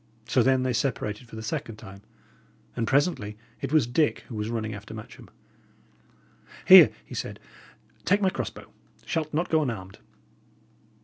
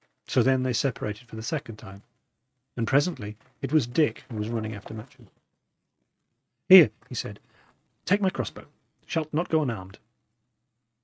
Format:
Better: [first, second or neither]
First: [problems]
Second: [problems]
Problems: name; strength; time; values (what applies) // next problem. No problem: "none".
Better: first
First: none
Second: noise reduction (neural mask model RNNoise)